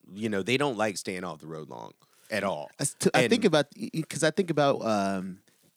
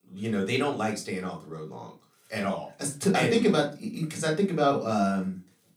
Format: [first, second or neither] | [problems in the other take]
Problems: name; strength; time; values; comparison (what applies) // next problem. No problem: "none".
first | off-mic speech; somewhat distant // room echo; very slight; dies away in 0.2 s